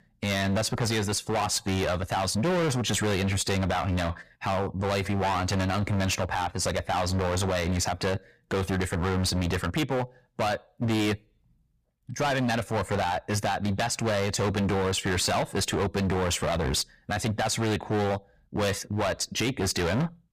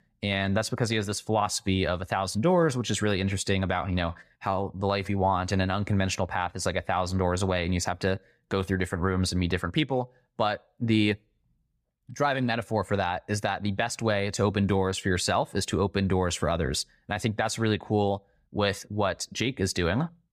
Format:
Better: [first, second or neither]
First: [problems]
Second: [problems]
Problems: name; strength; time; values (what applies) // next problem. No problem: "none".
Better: second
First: distortion; heavy; 24% of the sound clipped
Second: none